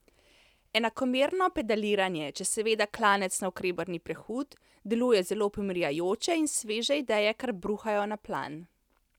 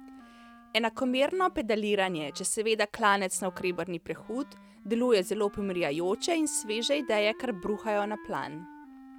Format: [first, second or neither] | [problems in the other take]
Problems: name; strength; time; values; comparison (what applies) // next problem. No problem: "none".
first | background sound (Wind instrument, woodwind instrument); 19 dB below the speech